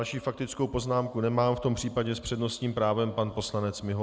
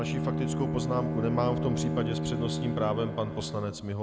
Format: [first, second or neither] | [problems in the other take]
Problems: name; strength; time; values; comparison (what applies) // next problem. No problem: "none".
first | background sound (Bowed string instrument); as loud as the speech